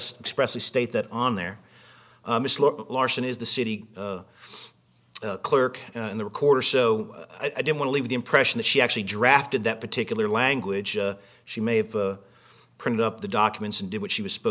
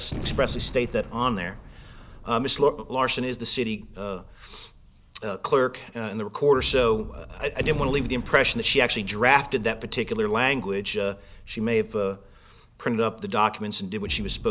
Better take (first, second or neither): first